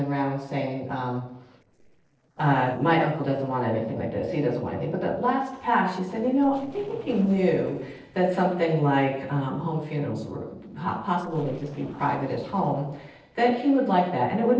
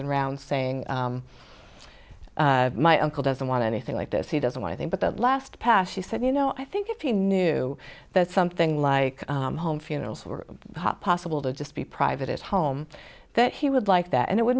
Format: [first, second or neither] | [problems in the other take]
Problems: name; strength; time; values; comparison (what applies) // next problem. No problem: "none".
second | noise reduction (neural separator model SepFormer DNS4)